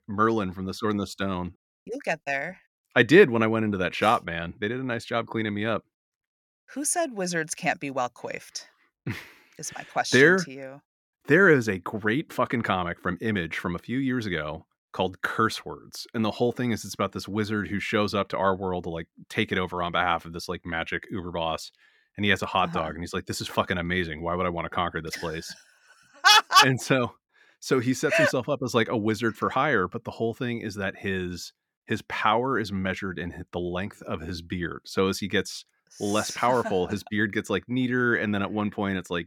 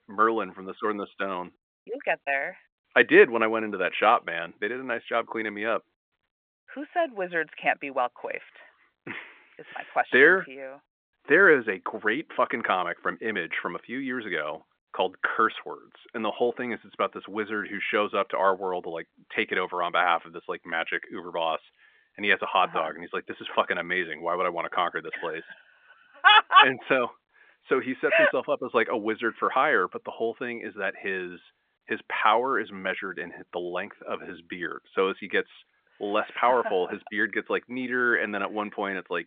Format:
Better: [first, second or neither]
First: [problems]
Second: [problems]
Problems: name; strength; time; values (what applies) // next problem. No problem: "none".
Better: first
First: none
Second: phone-call audio; nothing above 3.5 kHz